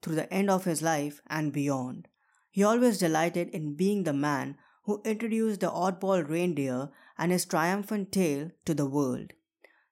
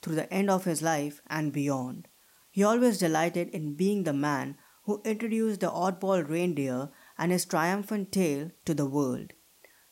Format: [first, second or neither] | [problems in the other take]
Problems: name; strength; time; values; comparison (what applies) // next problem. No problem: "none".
first | hiss; faint; throughout; 30 dB below the speech